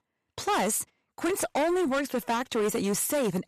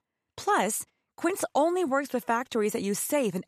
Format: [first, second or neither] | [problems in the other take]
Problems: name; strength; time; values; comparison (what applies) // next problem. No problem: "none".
second | distortion; heavy; 17% of the sound clipped